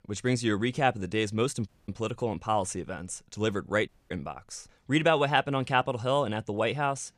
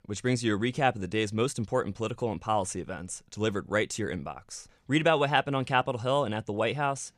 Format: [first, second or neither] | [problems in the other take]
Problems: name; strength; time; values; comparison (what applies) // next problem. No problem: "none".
second | audio cutting out; at 1.5 s and at 4 s